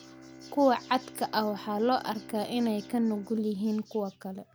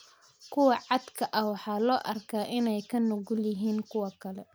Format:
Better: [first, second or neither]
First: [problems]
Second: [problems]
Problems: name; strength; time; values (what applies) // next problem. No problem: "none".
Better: second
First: background sound (Bowed string instrument); 19 dB below the speech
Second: none